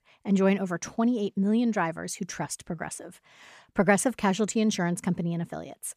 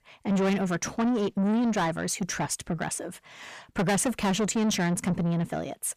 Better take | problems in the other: first | distortion; heavy; 7 dB below the speech

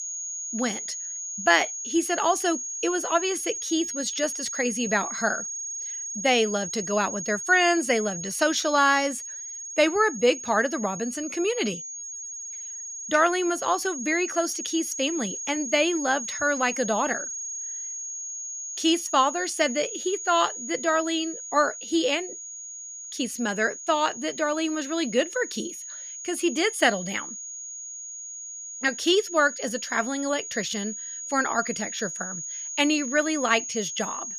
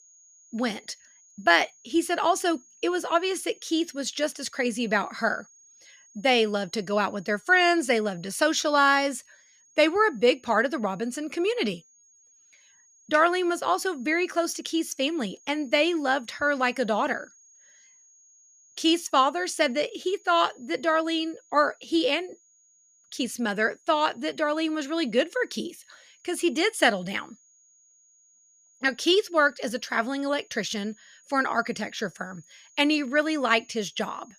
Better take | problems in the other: second | high-pitched whine; loud; throughout; 6.5 kHz, 7 dB below the speech; faint in the second

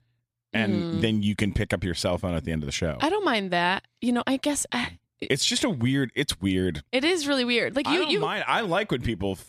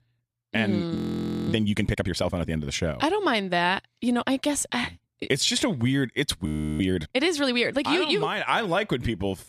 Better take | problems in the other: first | audio freezing; at 1 s for 0.5 s and at 6.5 s

